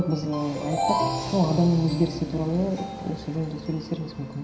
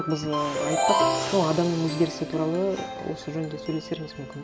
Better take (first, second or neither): second